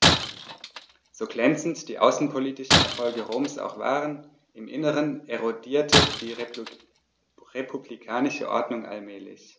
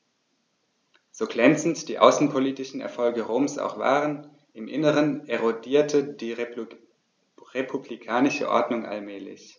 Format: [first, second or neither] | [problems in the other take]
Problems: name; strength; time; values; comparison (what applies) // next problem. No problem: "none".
second | background sound (Shatter); as loud as the speech